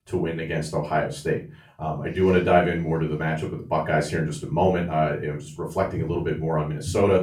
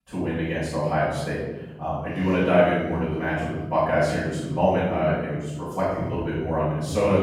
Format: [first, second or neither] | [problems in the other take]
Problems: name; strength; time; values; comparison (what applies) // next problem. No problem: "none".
first | room echo; strong; dies away in 1.2 s; slight in the first // off-mic speech; far; far in the first